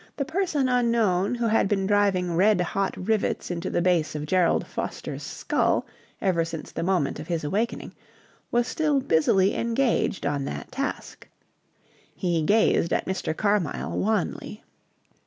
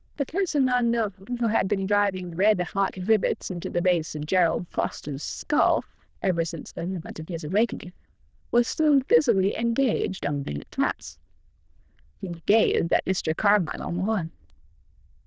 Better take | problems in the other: first | noise reduction (neural diffusion model UNIVERSE++)

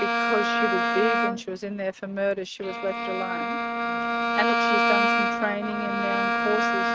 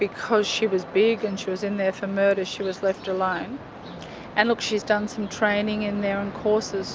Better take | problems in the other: second | noise reduction (neural mask model RNNoise)

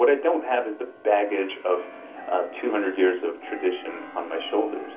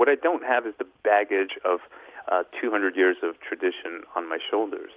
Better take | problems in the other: second | background sound (Keyboard (musical)); 17 dB below the speech // room echo; dies away in 0.3 s

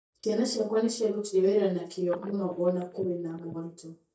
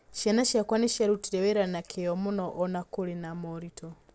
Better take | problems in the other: second | noise reduction (neural mask model DeepFilterNet 3)

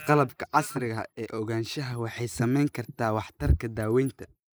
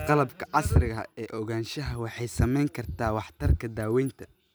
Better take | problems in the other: second | noise reduction (neural mask model Resemble Enhance denoiser)

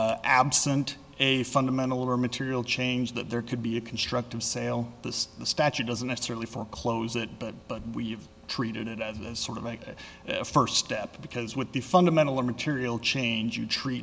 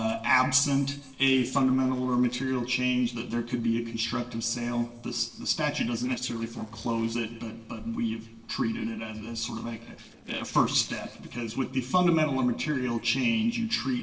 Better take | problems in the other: first | noise reduction (neural separator model SepFormer DNS4)

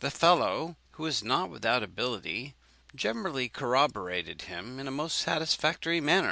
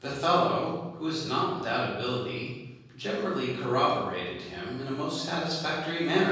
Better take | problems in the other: first | room echo; dies away in 1.3 s

